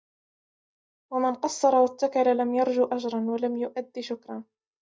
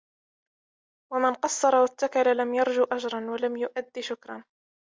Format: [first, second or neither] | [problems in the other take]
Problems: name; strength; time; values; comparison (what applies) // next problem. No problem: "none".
second | noise reduction (neural mask model DeepFilterNet 3)